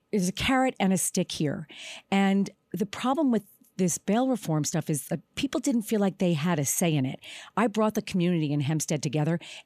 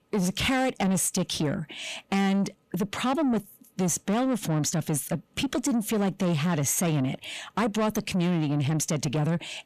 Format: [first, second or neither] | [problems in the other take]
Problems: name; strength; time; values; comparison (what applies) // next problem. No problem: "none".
first | distortion; slight; 10 dB below the speech